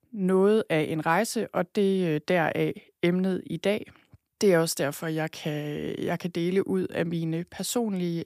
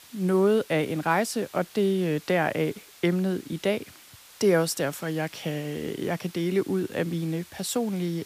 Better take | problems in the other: first | hiss; faint; throughout; 20 dB below the speech

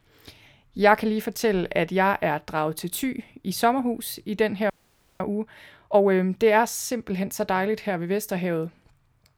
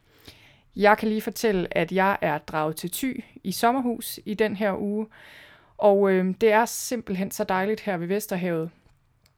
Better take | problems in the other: second | audio freezing; at 4.5 s for 0.5 s

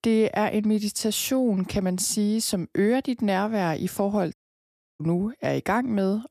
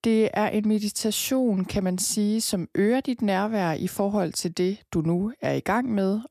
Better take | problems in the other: second | audio cutting out; at 4.5 s for 0.5 s

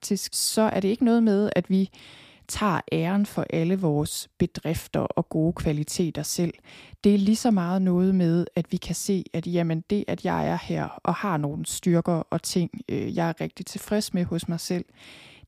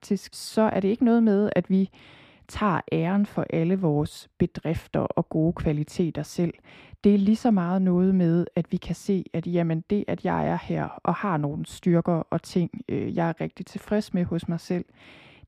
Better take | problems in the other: first | muffled; slightly; fading above 4 kHz

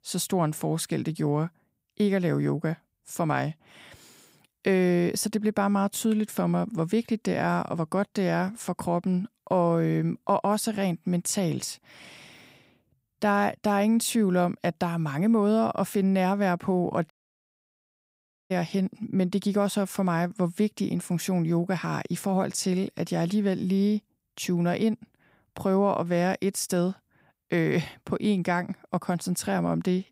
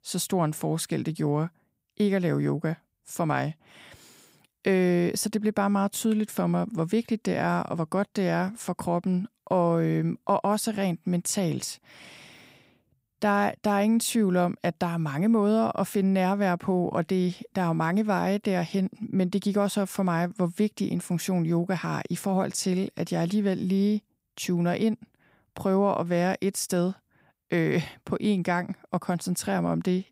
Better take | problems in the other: second | audio cutting out; at 17 s for 1.5 s

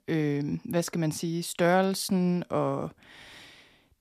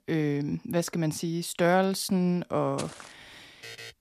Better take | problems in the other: first | footsteps; faint; at 3 s; peak 15 dB below the speech // alarm; faint; at 3.5 s; peak 15 dB below the speech

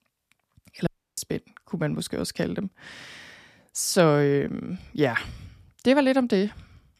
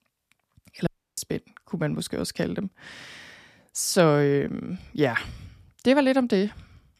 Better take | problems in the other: neither | audio cutting out; at 1 s; the same in both

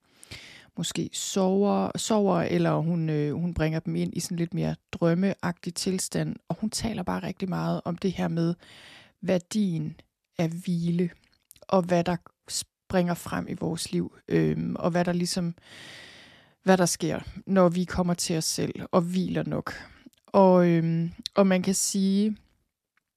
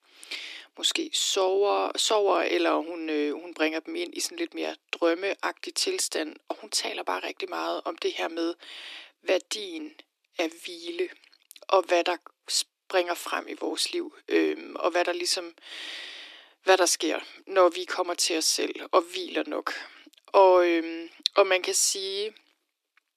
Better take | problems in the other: first | thin; very; fading below 300 Hz

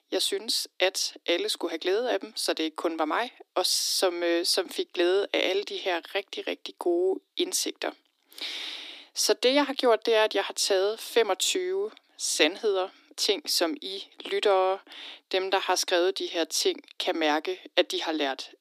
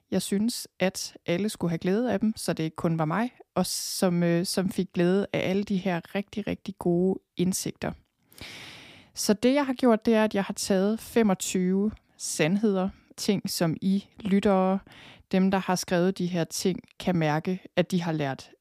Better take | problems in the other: second | thin; very; fading below 300 Hz

